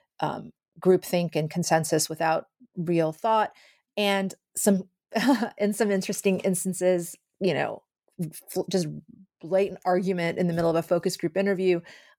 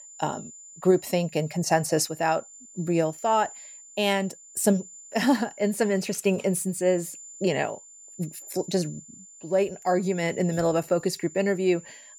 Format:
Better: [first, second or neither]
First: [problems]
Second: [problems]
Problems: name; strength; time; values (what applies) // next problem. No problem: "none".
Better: first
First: none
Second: high-pitched whine; noticeable; throughout; 7 kHz, 20 dB below the speech